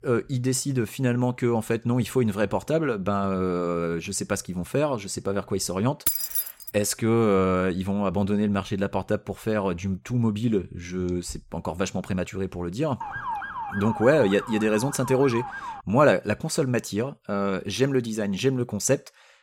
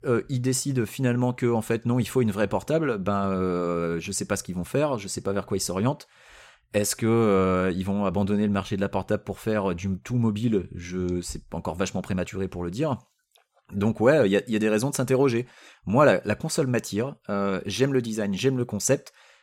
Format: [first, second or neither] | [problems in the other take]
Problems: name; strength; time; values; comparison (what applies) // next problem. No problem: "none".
second | jangling keys; loud; at 6 s; peak 3 dB above the speech // siren; noticeable; from 13 to 16 s; peak 6 dB below the speech